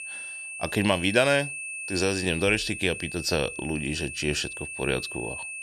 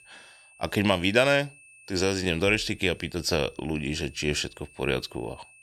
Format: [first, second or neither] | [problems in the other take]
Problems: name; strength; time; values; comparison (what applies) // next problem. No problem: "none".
second | high-pitched whine; loud; throughout; 2.5 kHz, 7 dB below the speech; faint in the second